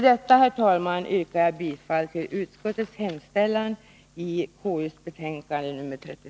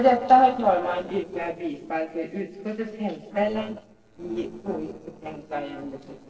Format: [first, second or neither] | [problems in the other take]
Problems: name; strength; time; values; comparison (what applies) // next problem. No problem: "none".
first | noise reduction (neural separator model SepFormer DNS4)